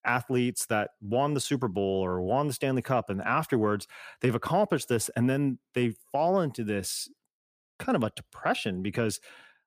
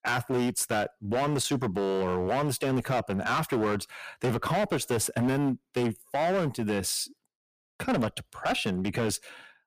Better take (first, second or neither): first